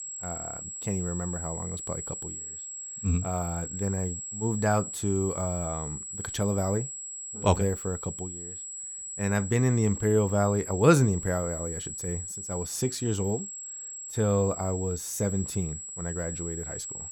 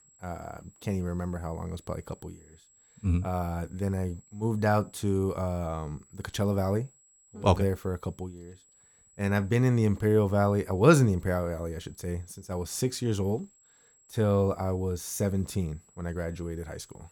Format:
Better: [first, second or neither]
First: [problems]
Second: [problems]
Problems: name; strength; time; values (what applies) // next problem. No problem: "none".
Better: second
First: high-pitched whine; loud; throughout; 7.5 kHz, 7 dB below the speech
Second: high-pitched whine; faint; throughout; 7.5 kHz, 30 dB below the speech